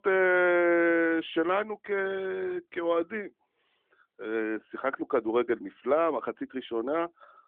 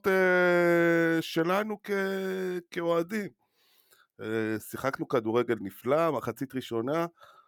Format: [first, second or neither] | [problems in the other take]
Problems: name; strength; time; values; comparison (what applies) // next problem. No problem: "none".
second | phone-call audio; nothing above 3.5 kHz